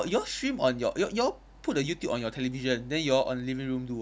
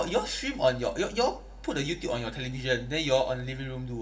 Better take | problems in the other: first | room echo; dies away in 0.7 s

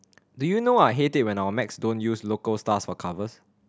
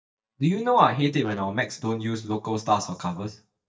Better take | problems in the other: first | noise reduction (neural mask model DeepFilterNet 3)

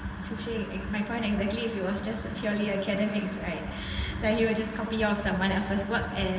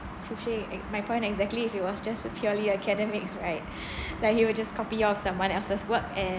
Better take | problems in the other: second | room echo; dies away in 2.2 s

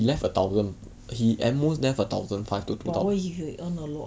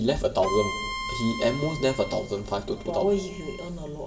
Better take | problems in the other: first | background sound (Bowed string instrument); 10 dB below the speech // room echo; dies away in 2.8 s

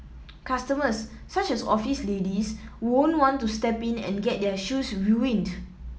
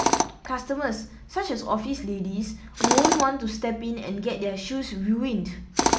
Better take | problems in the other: first | background sound (Tools); 1 dB below the speech

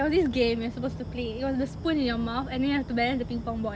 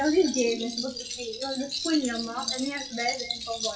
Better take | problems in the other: first | noise reduction (classical method WPE with log-MMSE)

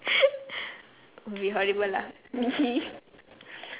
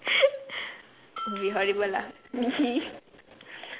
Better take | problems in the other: first | background sound (Bell); 13 dB below the speech

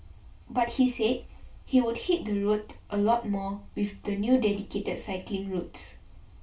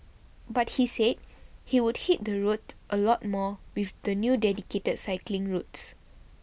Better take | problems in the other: second | room echo; dies away in 0.3 s

